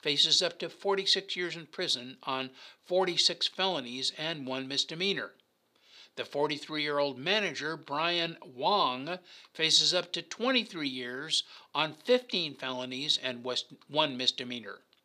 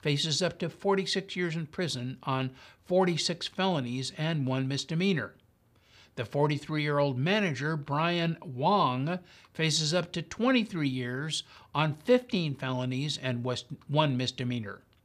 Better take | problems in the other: second | thin; somewhat; fading below 350 Hz

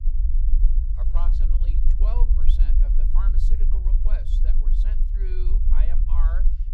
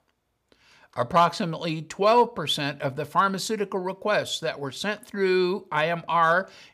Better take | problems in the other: second | low rumble; loud; throughout; 3 dB below the speech

